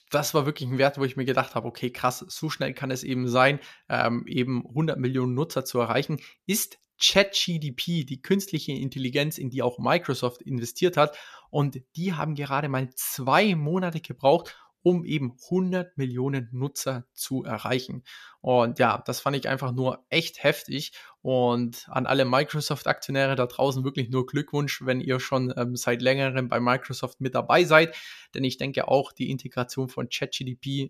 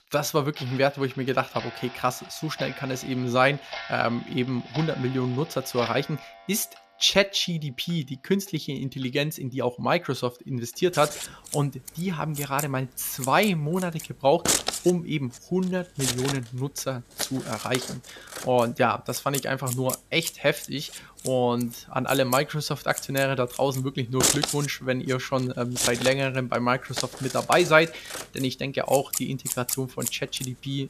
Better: first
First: none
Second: household noises; loud; throughout; 6 dB below the speech

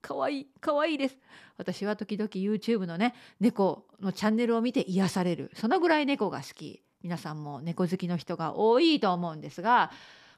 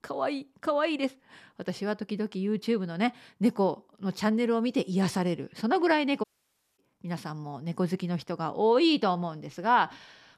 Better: first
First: none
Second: audio cutting out; at 6 s for 0.5 s

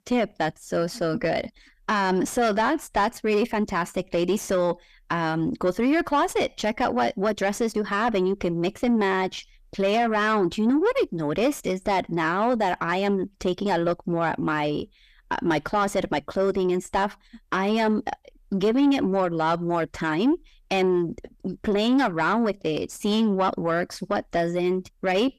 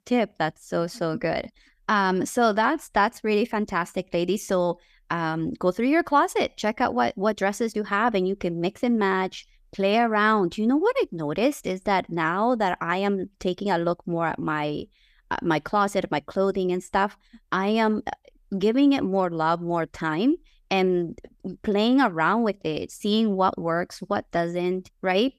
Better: second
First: distortion; slight; 9 dB below the speech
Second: none

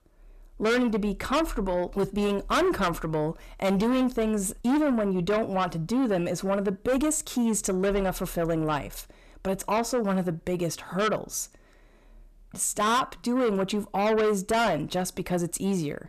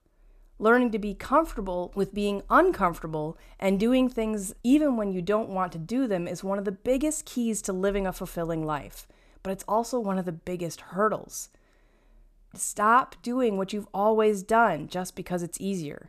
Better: second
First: distortion; heavy; 6 dB below the speech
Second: none

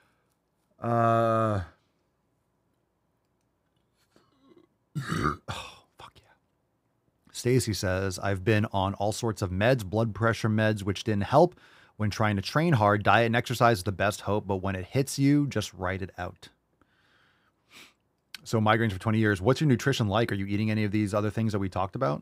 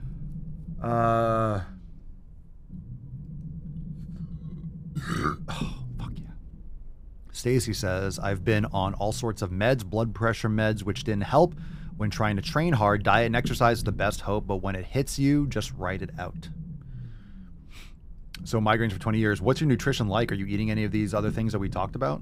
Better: first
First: none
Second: low rumble; faint; throughout; 20 dB below the speech

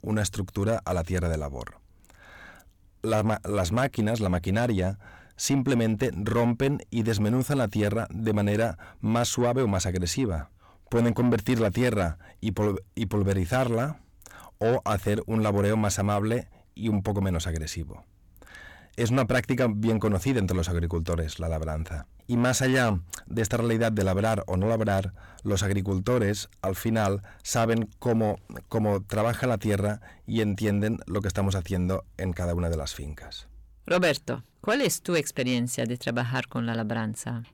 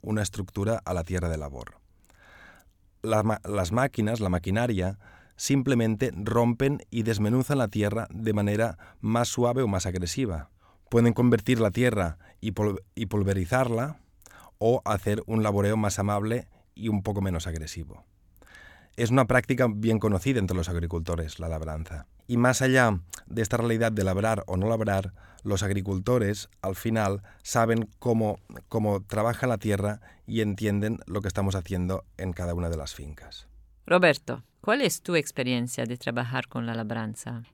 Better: second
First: distortion; slight; 10 dB below the speech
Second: none

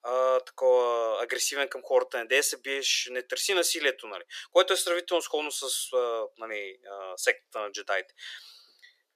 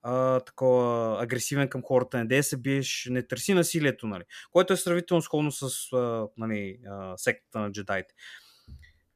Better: second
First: thin; very; fading below 400 Hz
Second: none

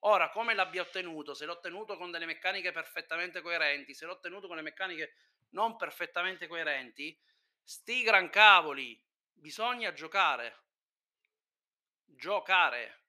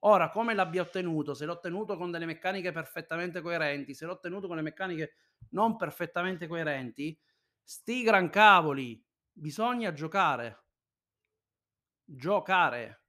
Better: second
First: thin; somewhat; fading below 450 Hz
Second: none

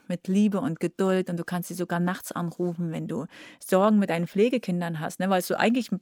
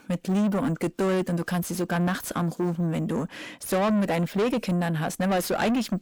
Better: first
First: none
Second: distortion; heavy; 7 dB below the speech

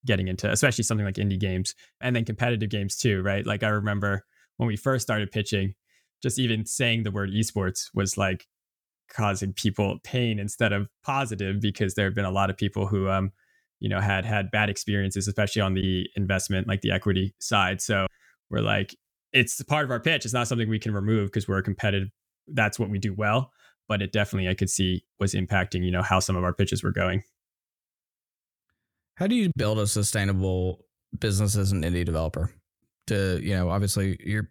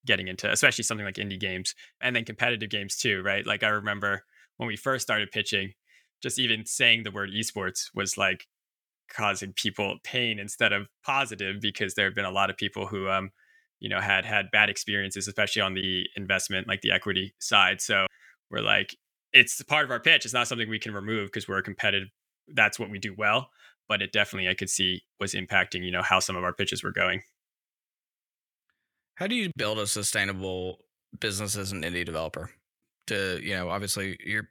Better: first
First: none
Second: thin; somewhat; fading below 800 Hz

